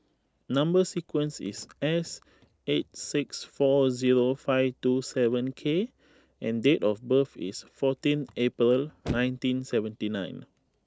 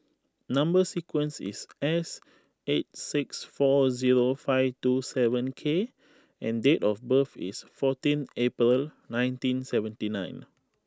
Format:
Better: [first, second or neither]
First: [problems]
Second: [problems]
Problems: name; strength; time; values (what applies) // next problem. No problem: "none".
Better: second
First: noise reduction (neural separator model SepFormer DNS4)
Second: none